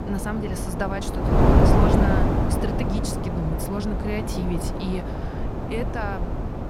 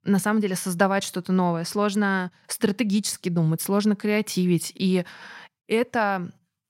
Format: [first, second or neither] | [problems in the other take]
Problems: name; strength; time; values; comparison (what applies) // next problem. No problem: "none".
second | wind noise on the microphone; heavy; 4 dB above the speech